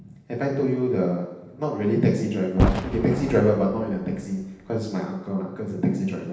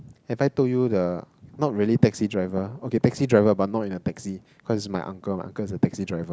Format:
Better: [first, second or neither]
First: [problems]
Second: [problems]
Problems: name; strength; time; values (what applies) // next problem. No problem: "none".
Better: second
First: background sound (Boom); 5 dB below the speech // room echo; dies away in 0.9 s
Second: none